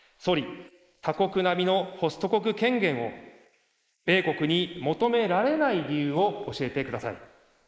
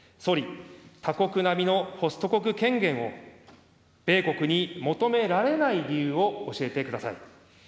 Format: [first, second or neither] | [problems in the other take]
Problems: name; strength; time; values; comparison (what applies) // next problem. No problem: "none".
second | noise reduction (neural mask model Resemble Enhance denoiser)